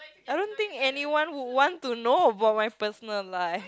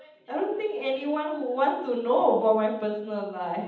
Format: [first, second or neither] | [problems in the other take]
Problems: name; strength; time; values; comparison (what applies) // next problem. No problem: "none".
first | room echo; dies away in 0.8 s